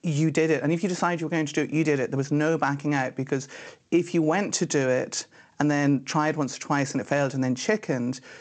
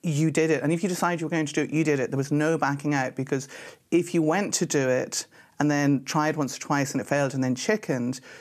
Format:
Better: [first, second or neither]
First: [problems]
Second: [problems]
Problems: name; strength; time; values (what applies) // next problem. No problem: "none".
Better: second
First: garbled, watery; slightly; nothing above 7.5 kHz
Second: none